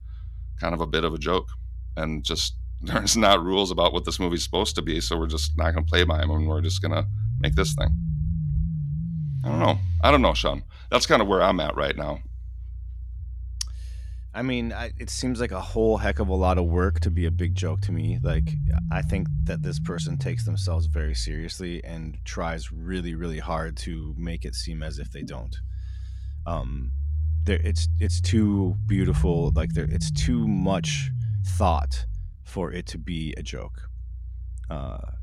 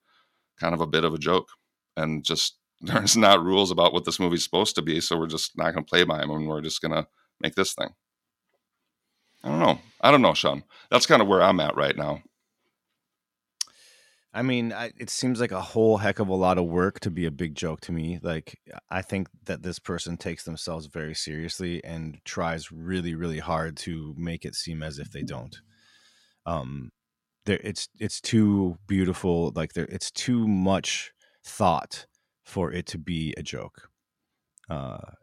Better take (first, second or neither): second